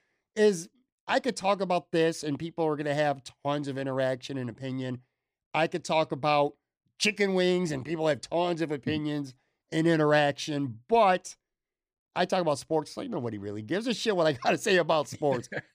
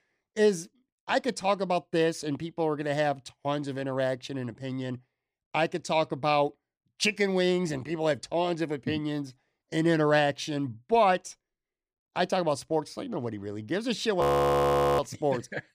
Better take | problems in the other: first | audio freezing; at 14 s for 1 s

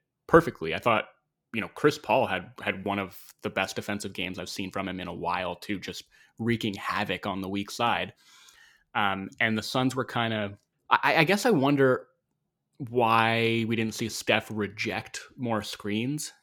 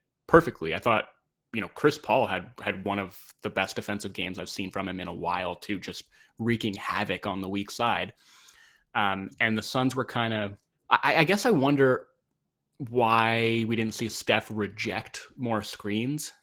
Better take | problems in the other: first | garbled, watery; slightly; nothing above 18 kHz

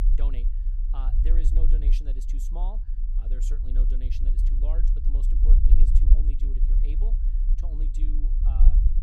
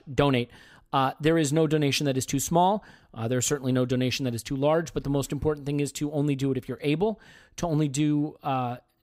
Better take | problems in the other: second | low rumble; loud; throughout; 1 dB below the speech

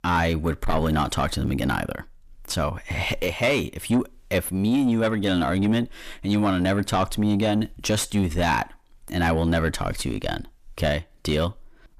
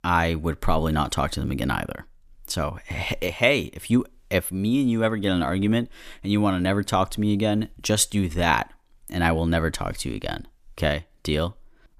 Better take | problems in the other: second | distortion; slight; 10 dB below the speech

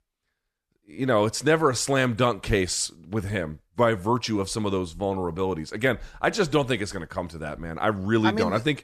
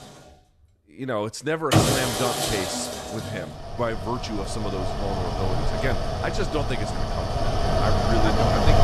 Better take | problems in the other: first | machinery noise; very loud; throughout; 4 dB above the speech

